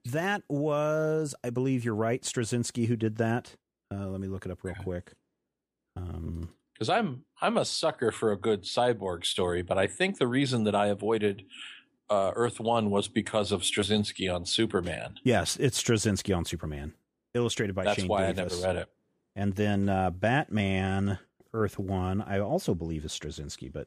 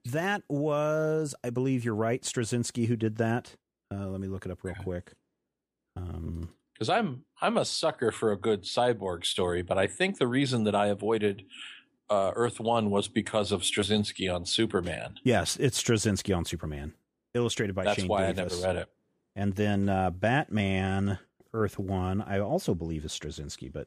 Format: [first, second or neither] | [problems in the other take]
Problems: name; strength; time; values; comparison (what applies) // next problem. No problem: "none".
neither | none